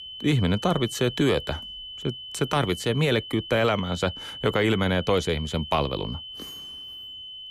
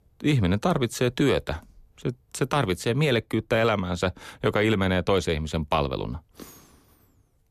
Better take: second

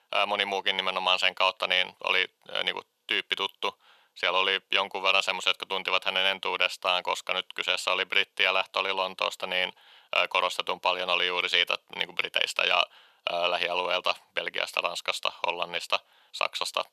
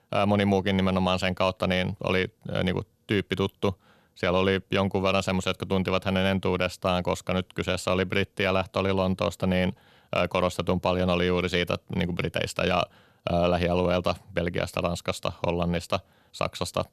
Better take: second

